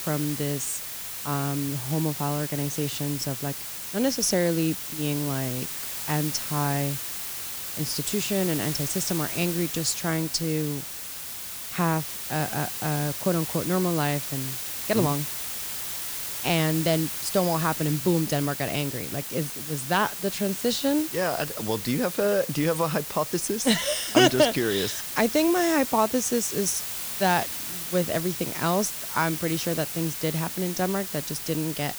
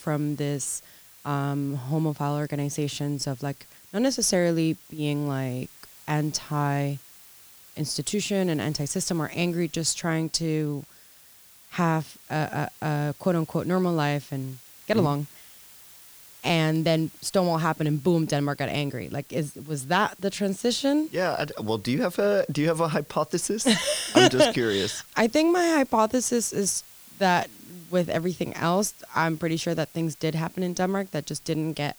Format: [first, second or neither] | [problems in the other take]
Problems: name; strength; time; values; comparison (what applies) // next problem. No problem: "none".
second | hiss; loud; throughout; 4 dB below the speech; faint in the second